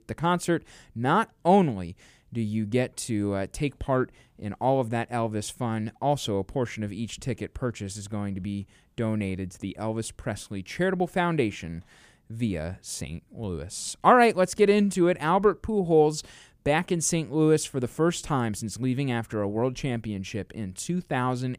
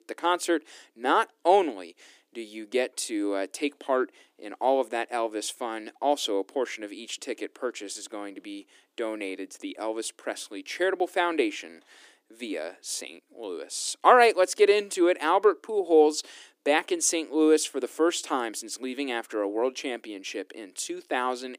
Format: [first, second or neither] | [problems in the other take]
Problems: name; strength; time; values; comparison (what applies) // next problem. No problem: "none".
first | thin; somewhat; fading below 300 Hz